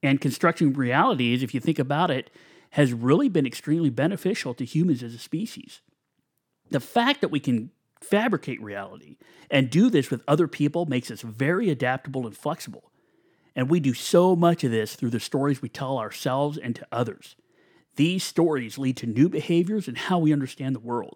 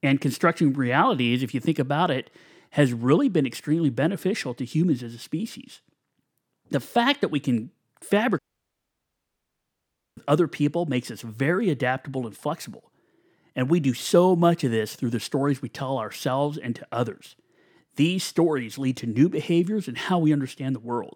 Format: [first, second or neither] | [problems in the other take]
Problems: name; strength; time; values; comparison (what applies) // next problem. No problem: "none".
first | audio cutting out; at 8.5 s for 2 s